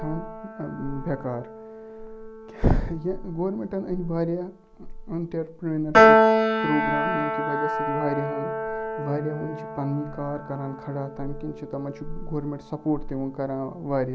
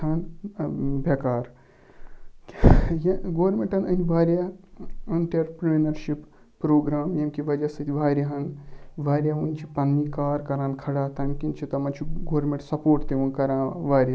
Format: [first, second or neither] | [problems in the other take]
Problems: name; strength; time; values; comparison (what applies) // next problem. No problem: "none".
second | background sound (Piano); 2 dB above the speech